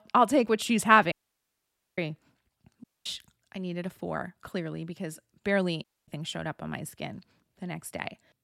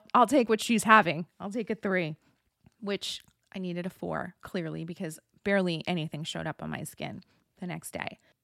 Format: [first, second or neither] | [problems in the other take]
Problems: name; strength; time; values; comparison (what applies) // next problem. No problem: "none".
second | audio cutting out; at 1 s for 1 s, at 3 s and at 6 s